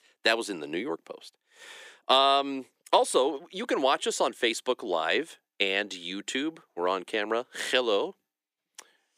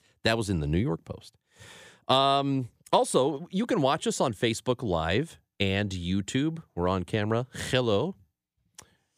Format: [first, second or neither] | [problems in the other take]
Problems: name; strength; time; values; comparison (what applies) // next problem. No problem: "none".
second | thin; somewhat; fading below 300 Hz